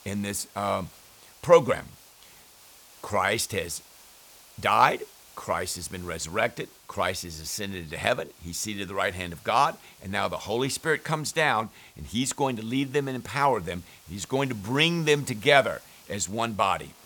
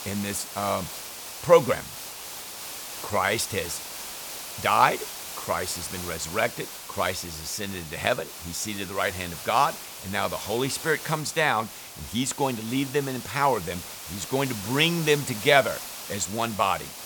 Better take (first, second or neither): first